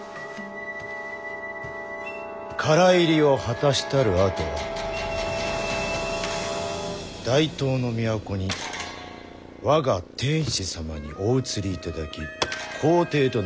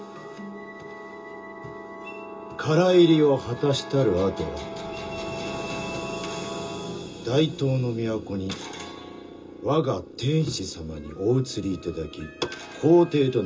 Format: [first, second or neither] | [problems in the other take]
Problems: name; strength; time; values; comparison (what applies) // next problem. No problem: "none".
first | room echo; dies away in 0.2 s